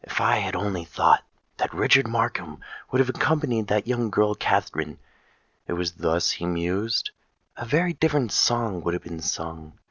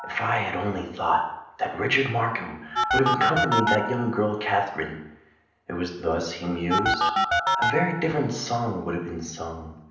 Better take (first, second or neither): first